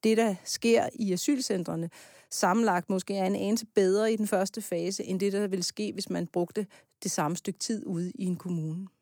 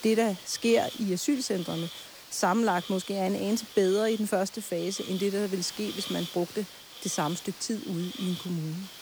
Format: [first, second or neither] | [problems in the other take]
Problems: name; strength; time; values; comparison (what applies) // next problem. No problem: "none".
first | hiss; noticeable; throughout; 10 dB below the speech